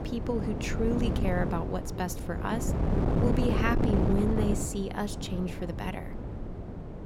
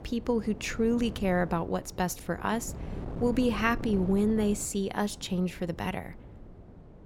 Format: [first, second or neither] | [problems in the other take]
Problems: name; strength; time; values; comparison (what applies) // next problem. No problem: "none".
second | wind noise on the microphone; heavy; 3 dB below the speech; occasional gusts in the second